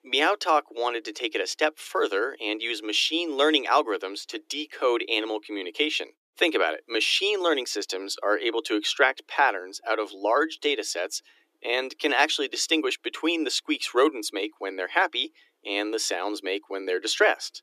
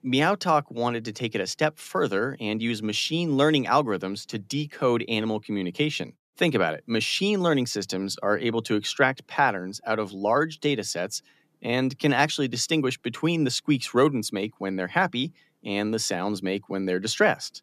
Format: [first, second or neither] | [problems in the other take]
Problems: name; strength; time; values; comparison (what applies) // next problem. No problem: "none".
second | thin; very; fading below 300 Hz